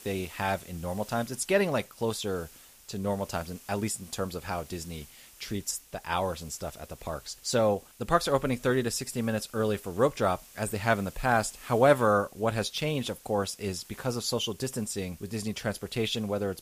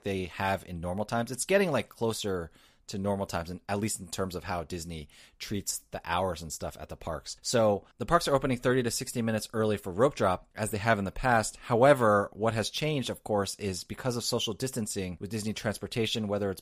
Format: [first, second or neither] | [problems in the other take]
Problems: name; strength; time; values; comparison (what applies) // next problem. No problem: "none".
second | hiss; faint; throughout; 20 dB below the speech